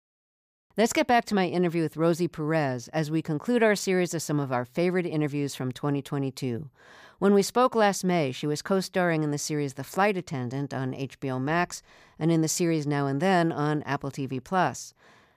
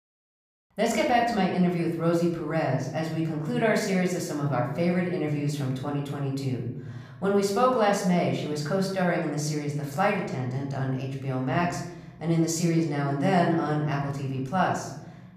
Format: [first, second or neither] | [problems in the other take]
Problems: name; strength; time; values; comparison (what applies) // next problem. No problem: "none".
first | off-mic speech; somewhat distant // room echo; noticeable; dies away in 1.1 s